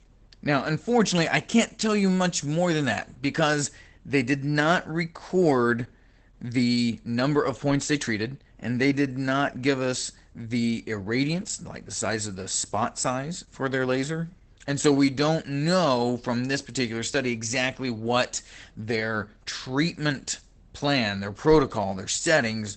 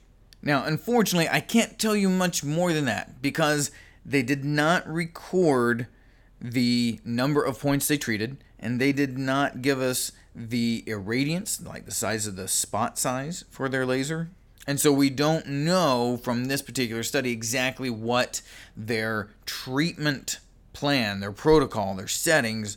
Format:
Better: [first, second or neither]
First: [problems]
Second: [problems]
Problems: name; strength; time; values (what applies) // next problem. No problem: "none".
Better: second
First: garbled, watery; badly; nothing above 8 kHz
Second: none